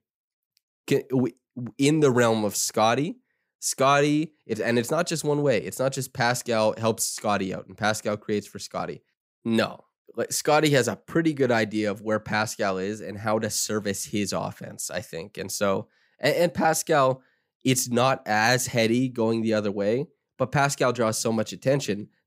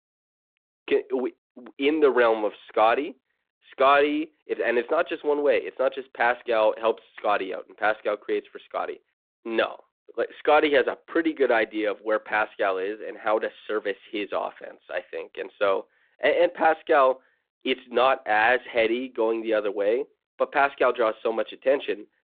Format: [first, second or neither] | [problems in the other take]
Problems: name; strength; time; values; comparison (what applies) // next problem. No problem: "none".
first | phone-call audio; nothing above 3.5 kHz